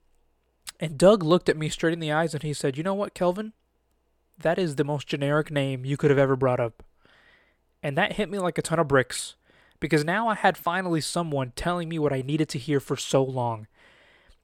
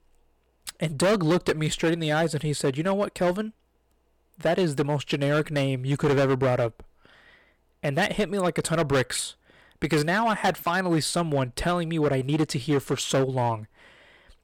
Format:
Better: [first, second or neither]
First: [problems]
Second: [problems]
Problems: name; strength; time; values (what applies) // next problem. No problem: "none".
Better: first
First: none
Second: distortion; heavy; 8% of the sound clipped